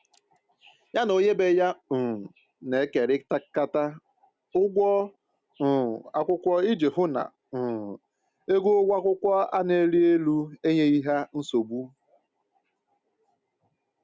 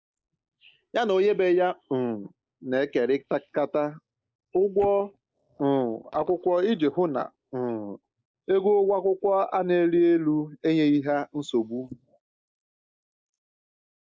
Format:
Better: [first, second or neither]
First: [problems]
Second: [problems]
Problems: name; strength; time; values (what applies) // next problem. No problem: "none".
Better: first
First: none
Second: noise reduction (neural mask model Resemble Enhance denoiser)